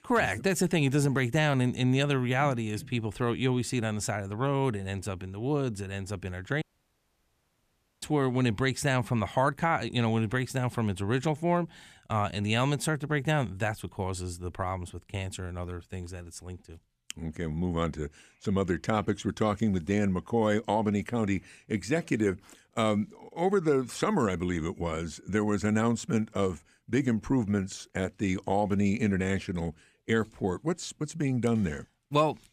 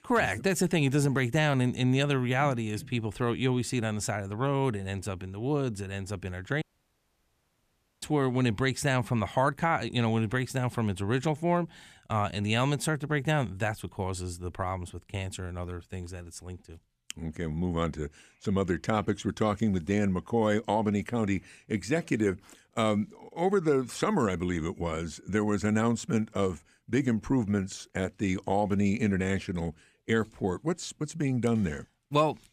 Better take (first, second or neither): neither